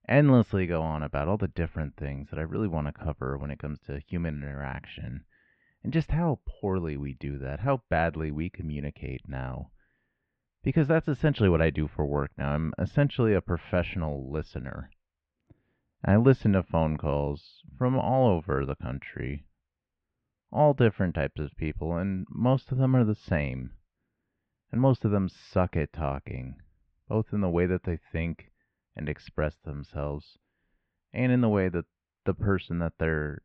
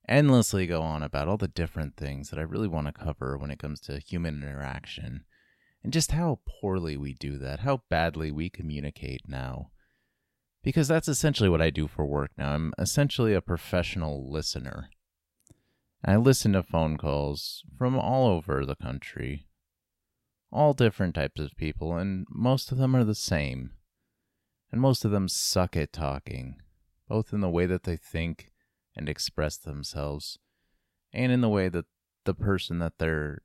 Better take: second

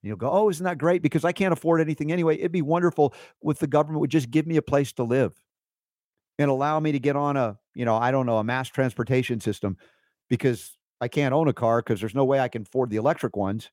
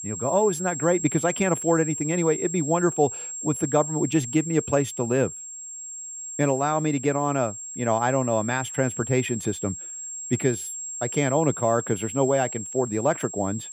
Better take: first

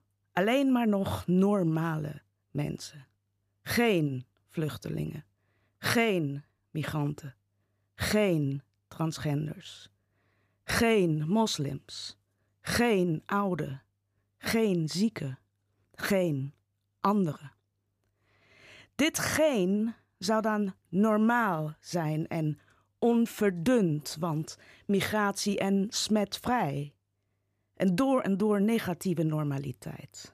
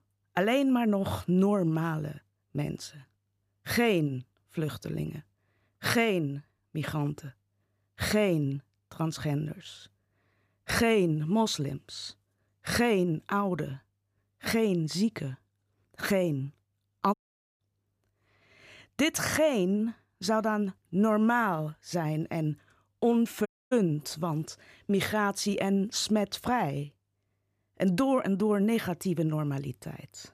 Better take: first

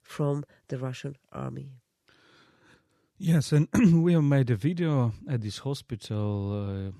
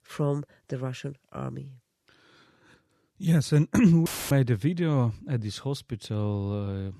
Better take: first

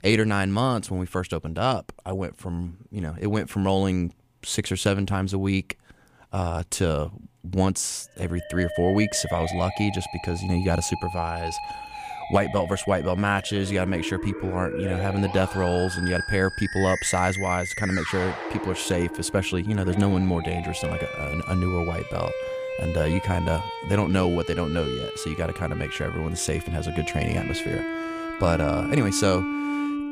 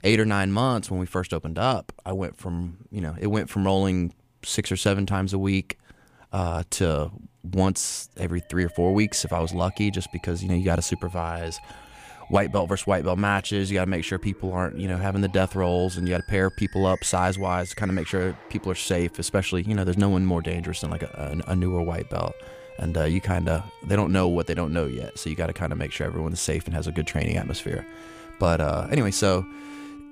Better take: second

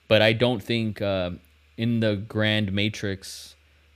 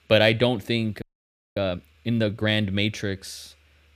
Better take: first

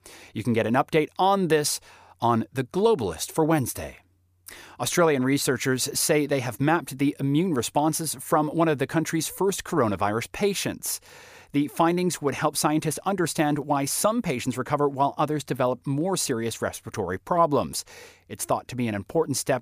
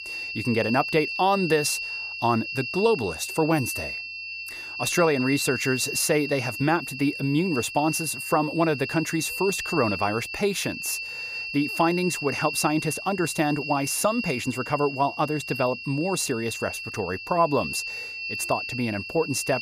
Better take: first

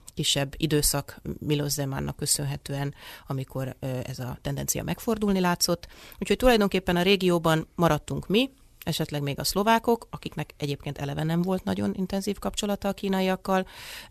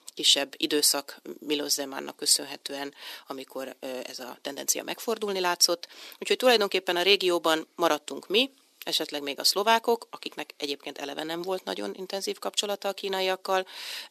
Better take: first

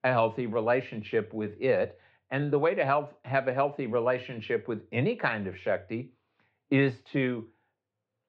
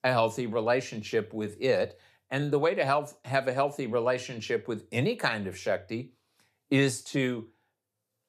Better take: second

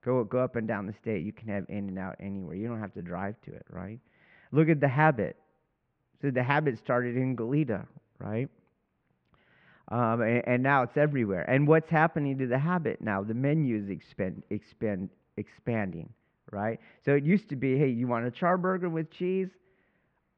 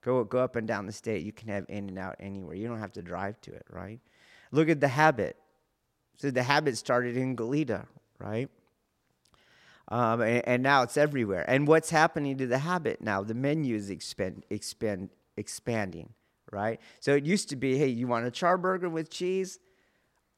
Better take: second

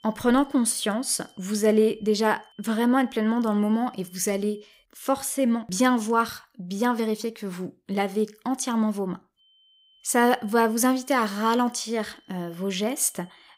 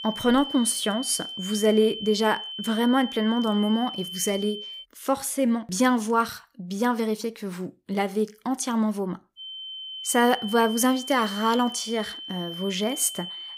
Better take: first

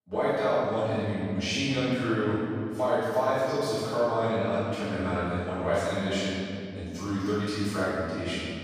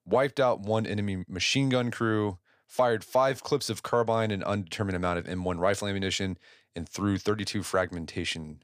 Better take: second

